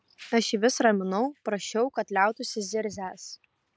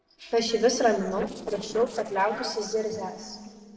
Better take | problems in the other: first | noise reduction (neural separator model SepFormer DNS4)

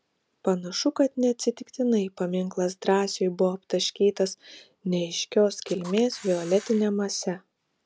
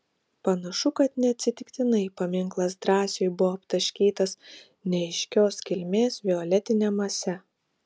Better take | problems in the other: second | background sound (Camera); 17 dB below the speech

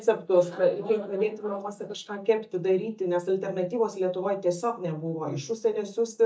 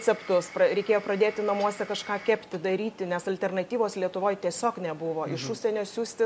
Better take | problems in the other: second | noise reduction (neural mask model DeepFilterNet 3)

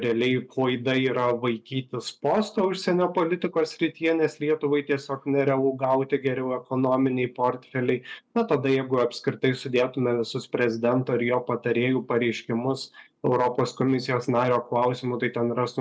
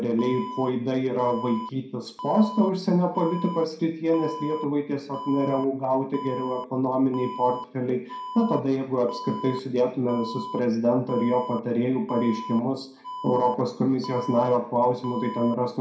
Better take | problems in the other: first | background sound (Alarm); 13 dB below the speech // room echo; dies away in 0.5 s

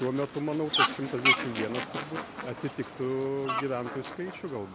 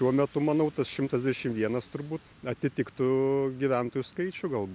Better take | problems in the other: second | background sound (Fowl); as loud as the speech

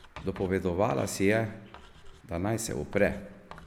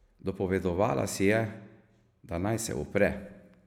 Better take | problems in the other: second | background sound (Writing + Bird); 19 dB below the speech

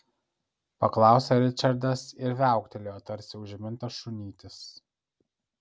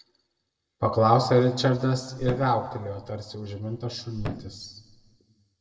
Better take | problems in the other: first | background sound (Thump, thud); 13 dB below the speech // room echo; dies away in 1.4 s

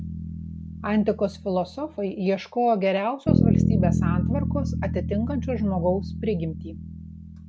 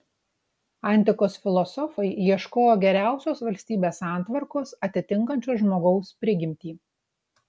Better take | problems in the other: second | background sound (Bass guitar); as loud as the speech

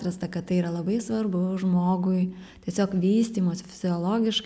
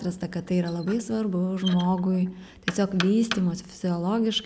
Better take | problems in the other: first | background sound (Knock); 14 dB below the speech

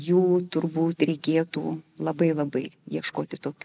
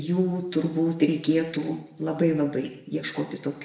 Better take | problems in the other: first | room echo; dies away in 0.7 s

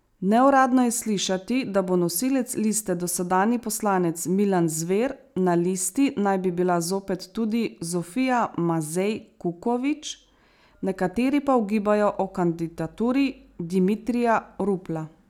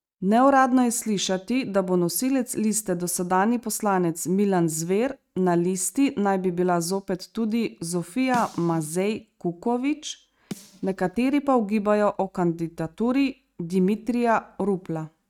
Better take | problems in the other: first | noise reduction (neural mask model RNNoise)

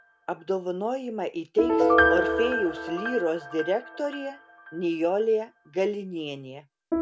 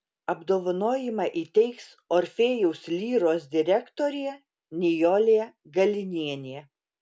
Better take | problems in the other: second | background sound (Piano); as loud as the speech

